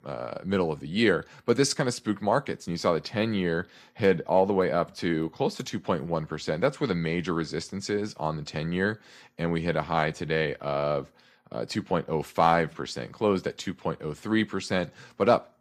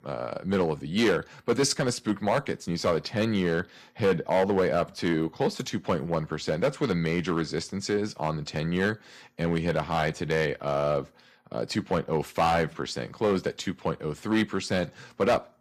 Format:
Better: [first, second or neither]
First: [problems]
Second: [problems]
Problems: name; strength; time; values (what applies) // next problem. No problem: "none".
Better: first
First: none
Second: distortion; slight; 4% of the sound clipped